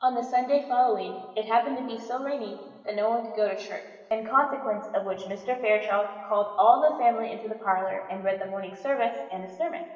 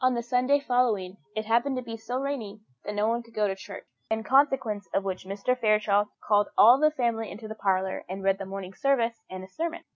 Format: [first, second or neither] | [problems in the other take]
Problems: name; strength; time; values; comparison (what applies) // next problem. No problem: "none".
second | room echo; dies away in 1.4 s